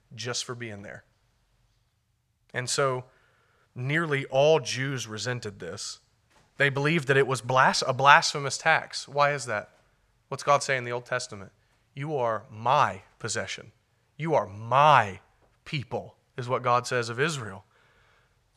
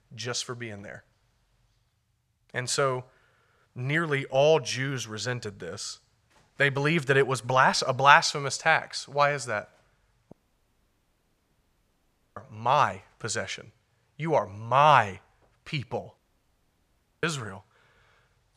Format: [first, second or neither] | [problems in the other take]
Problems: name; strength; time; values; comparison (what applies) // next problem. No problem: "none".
first | audio cutting out; at 10 s for 2 s and at 16 s for 1 s